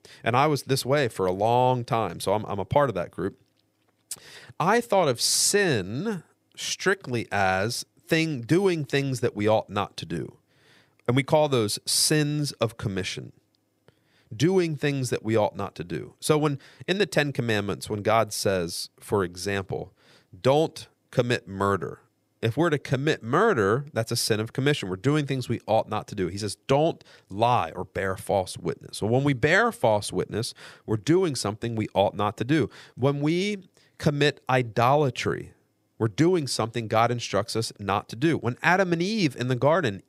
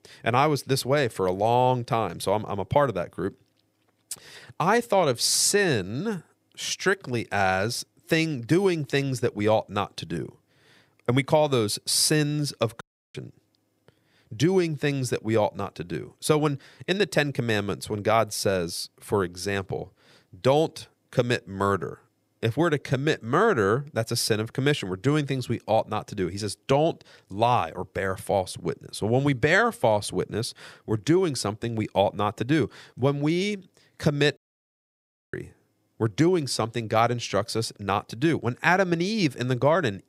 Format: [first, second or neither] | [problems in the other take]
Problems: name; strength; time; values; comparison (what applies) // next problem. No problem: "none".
first | audio cutting out; at 13 s and at 34 s for 1 s